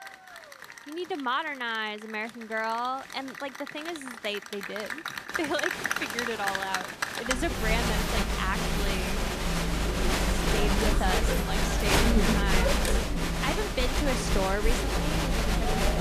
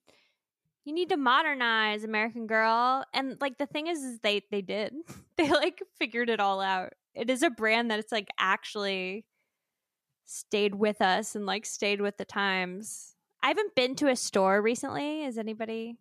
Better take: second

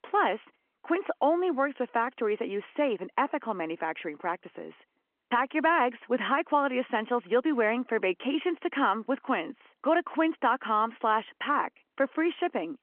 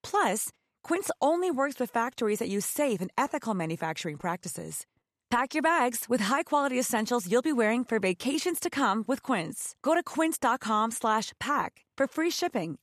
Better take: second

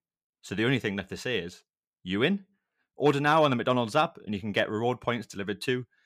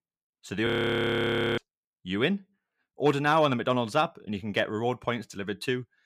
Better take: first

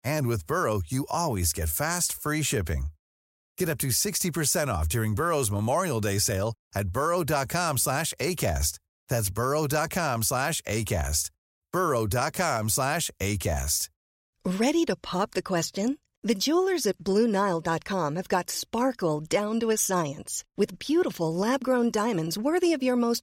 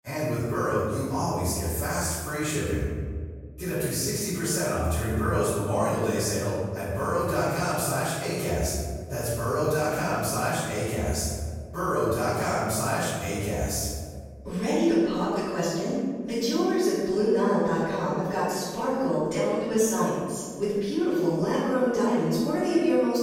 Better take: first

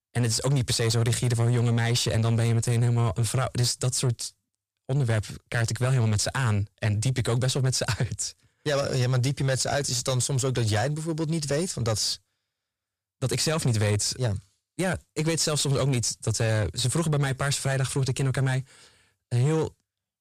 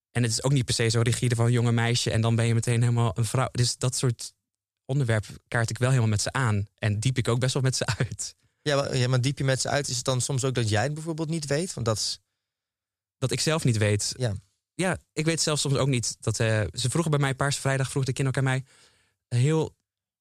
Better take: second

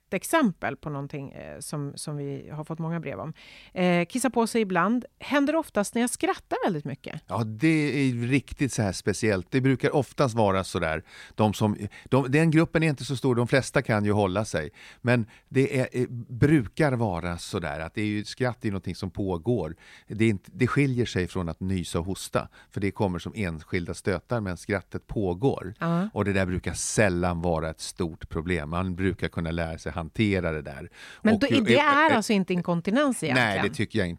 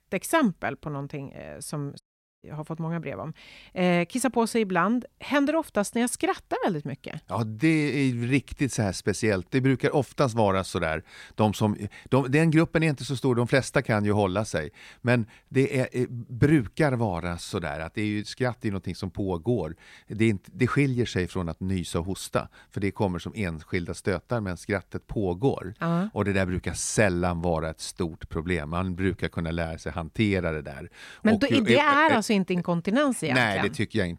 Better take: first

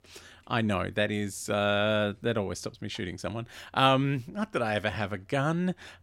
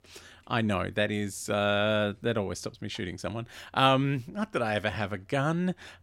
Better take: neither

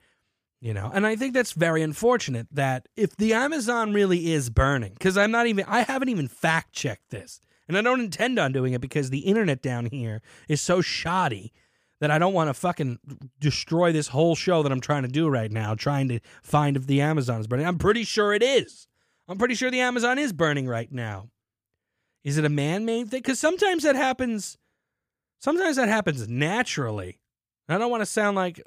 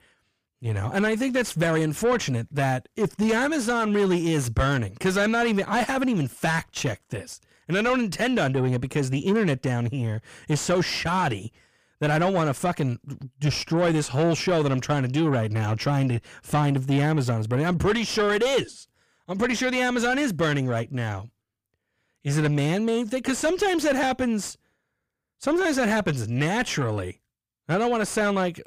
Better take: first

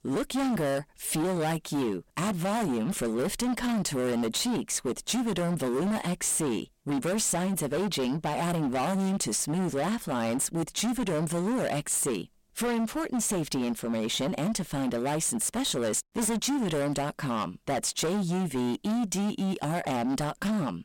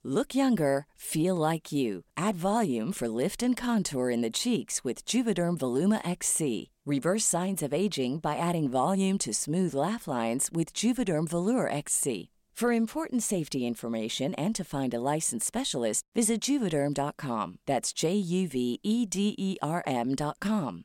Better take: second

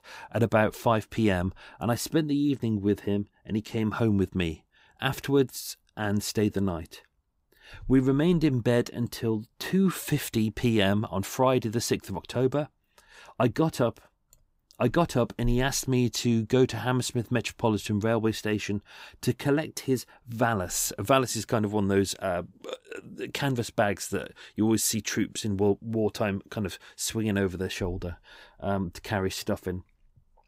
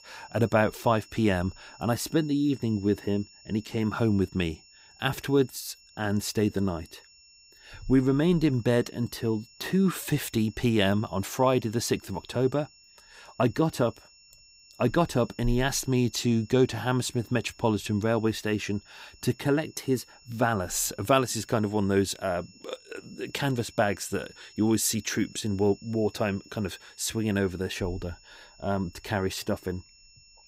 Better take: first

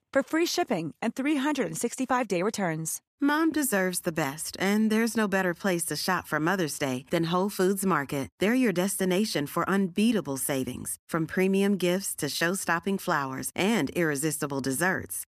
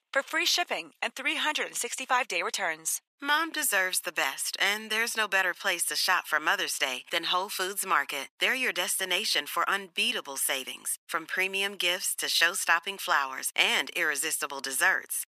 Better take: first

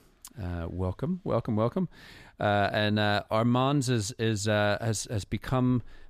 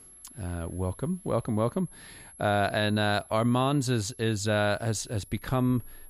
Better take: first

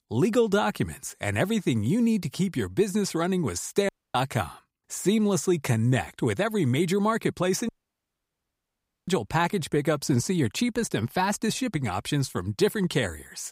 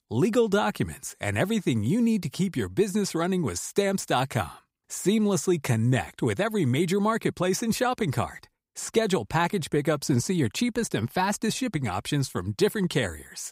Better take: second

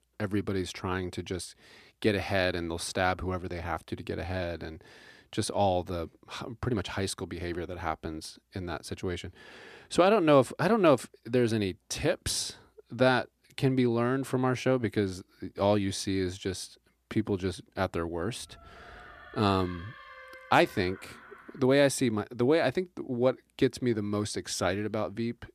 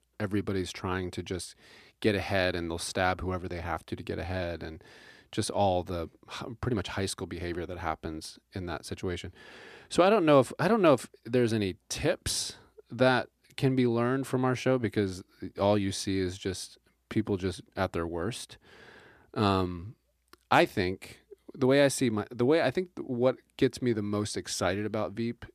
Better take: second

